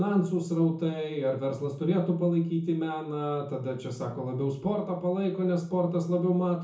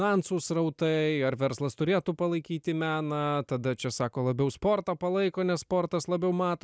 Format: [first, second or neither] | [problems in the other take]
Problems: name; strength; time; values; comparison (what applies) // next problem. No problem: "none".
second | room echo; dies away in 0.6 s